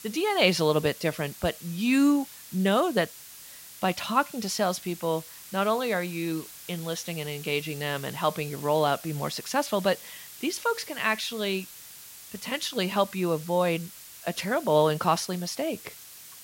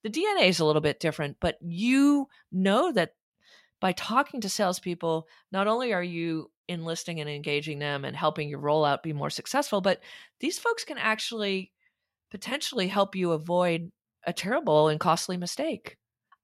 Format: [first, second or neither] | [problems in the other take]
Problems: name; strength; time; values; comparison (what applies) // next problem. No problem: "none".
second | hiss; noticeable; throughout; 15 dB below the speech